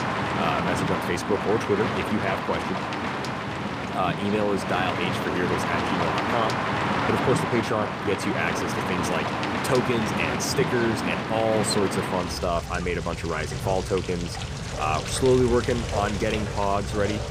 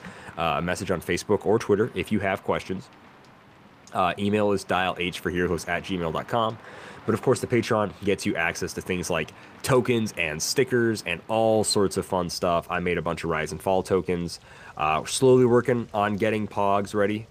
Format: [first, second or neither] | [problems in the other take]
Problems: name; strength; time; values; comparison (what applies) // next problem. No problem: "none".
second | rain or running water; loud; throughout; 1 dB below the speech; faint in the second